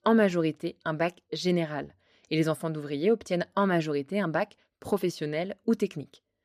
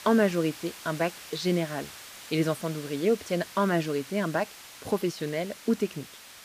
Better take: first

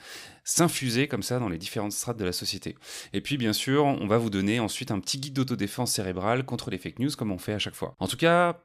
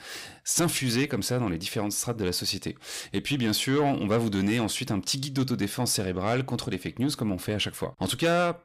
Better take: first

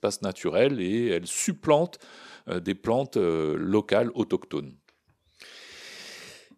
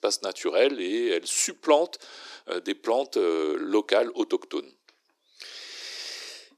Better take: first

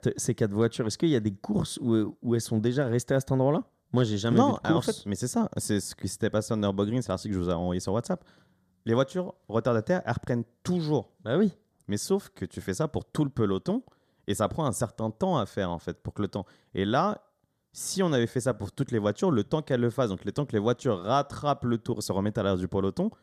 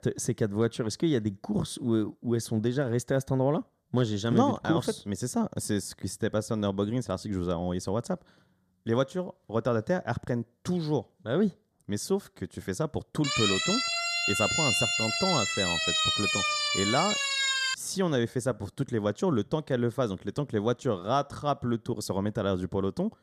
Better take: first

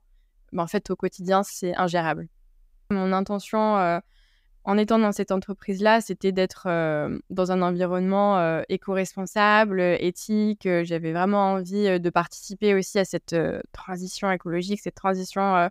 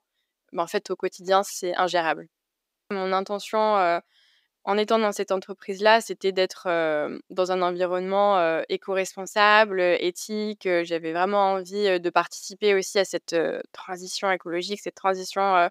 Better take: first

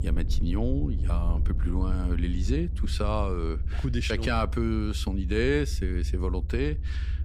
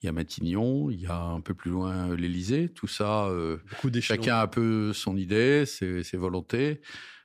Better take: second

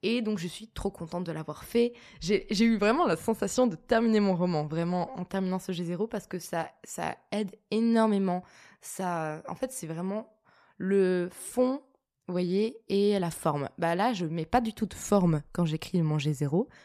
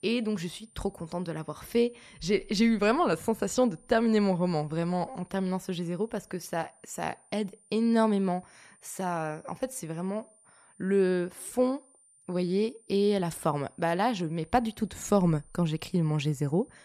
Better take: first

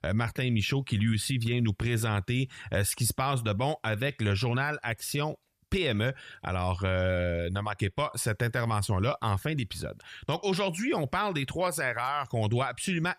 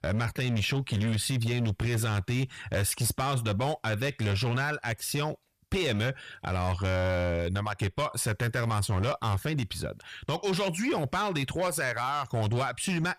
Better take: first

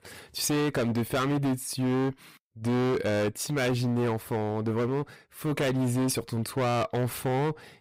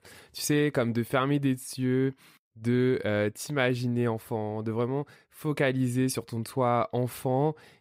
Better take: second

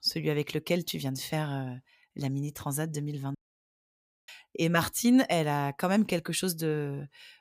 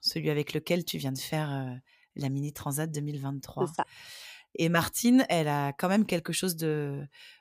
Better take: second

